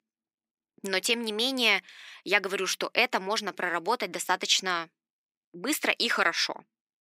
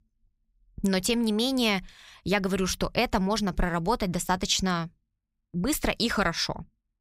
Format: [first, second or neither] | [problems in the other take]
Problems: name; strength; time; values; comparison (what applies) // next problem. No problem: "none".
second | thin; somewhat; fading below 300 Hz